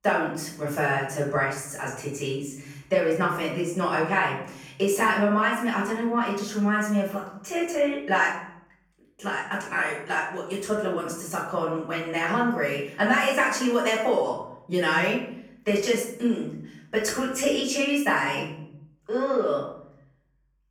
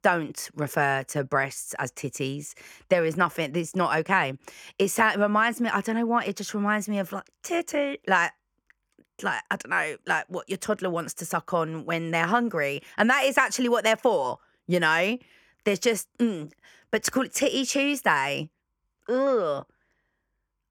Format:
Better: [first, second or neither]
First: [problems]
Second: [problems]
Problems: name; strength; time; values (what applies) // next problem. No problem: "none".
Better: second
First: off-mic speech; far // room echo; noticeable; dies away in 0.6 s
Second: none